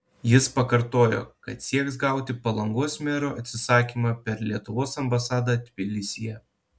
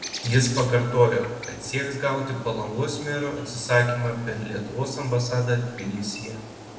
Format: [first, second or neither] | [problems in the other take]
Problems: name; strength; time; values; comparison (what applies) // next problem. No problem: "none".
first | background sound (Bird); 15 dB below the speech // room echo; dies away in 1 s